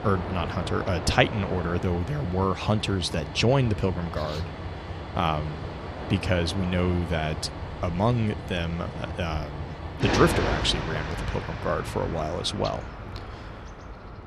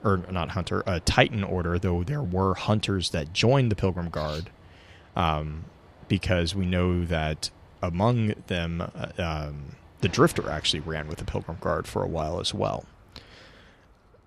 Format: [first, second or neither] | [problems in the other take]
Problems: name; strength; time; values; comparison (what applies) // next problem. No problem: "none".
second | train or aircraft noise; loud; throughout; 7 dB below the speech; faint in the second